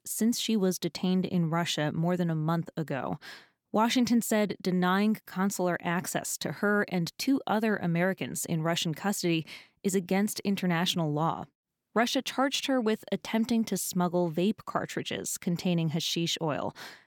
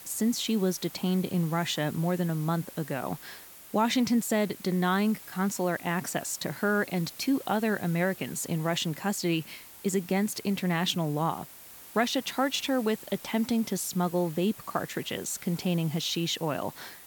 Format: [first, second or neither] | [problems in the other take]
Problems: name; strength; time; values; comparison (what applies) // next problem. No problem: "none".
first | hiss; noticeable; throughout; 15 dB below the speech